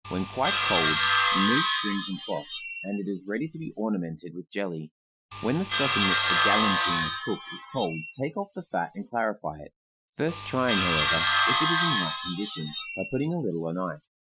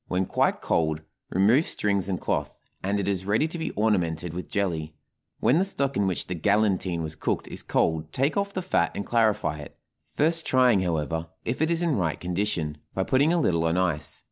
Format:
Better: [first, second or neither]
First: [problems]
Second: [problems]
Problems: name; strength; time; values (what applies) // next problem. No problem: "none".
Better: second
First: noise reduction (classical method Wiener filter)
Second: none